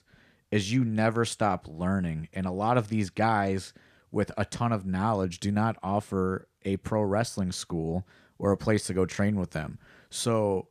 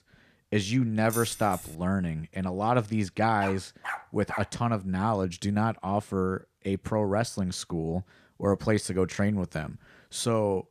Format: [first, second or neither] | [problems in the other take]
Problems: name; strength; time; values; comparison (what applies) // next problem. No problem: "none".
first | jangling keys; noticeable; at 1 s; peak 6 dB below the speech // dog barking; noticeable; from 3.5 to 4.5 s; peak 8 dB below the speech